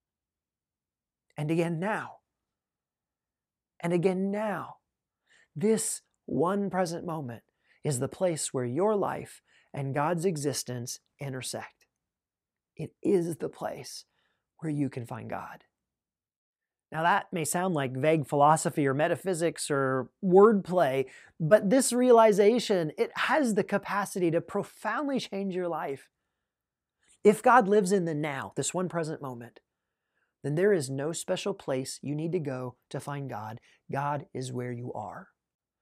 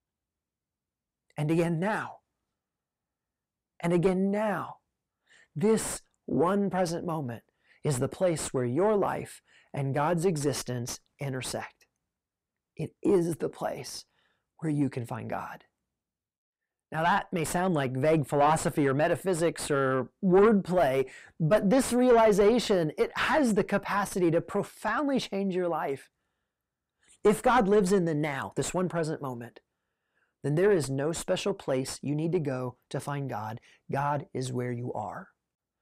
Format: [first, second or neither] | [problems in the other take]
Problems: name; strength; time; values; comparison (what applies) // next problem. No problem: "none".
first | distortion; slight; 8 dB below the speech